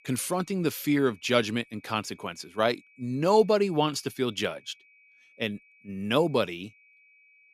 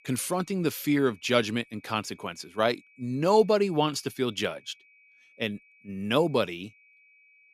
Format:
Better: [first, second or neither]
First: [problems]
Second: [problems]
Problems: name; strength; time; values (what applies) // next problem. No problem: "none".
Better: neither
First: high-pitched whine; faint; throughout; 2.5 kHz, 30 dB below the speech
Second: high-pitched whine; faint; throughout; 2.5 kHz, 30 dB below the speech